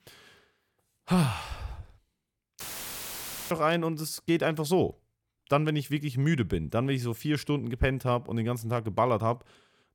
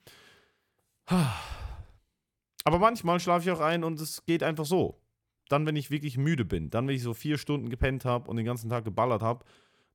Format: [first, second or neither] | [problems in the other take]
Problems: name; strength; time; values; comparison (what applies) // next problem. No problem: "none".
second | audio cutting out; filled with static; at 2.5 s for 1 s